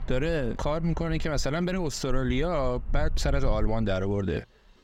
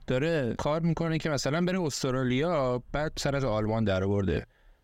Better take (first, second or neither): second